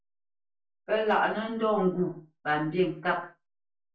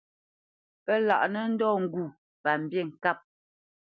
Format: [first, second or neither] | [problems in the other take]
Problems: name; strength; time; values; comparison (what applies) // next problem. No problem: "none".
second | room echo; dies away in 0.3 s